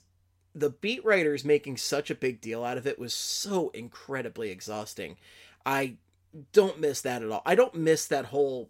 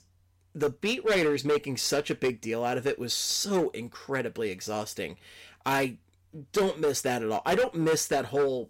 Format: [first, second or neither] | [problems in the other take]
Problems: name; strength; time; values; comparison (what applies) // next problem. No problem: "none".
first | distortion; heavy; 8% of the sound clipped